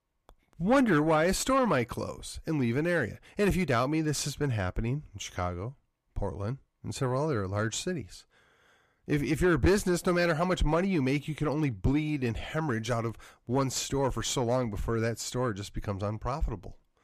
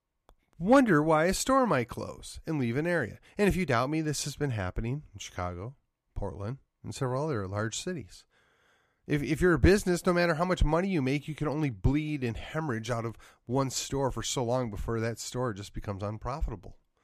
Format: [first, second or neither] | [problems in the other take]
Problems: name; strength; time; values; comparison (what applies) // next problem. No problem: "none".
second | distortion; slight; 10 dB below the speech